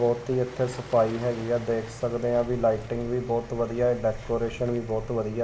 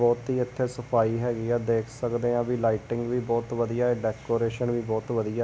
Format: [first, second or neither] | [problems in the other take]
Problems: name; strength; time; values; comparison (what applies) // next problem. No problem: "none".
second | background sound (Waves, surf); 17 dB below the speech // room echo; dies away in 2.1 s